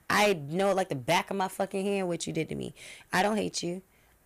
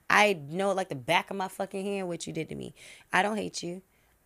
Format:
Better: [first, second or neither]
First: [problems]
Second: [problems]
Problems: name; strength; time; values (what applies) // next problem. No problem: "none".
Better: second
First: distortion; heavy; 5% of the sound clipped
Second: none